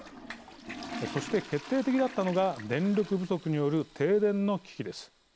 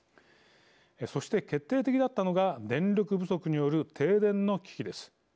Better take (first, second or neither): second